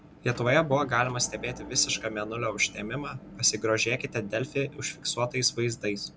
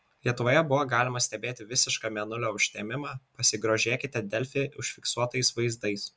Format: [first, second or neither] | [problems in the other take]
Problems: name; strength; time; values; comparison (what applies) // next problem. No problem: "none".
second | background sound (Motor vehicle (road) / Engine); 16 dB below the speech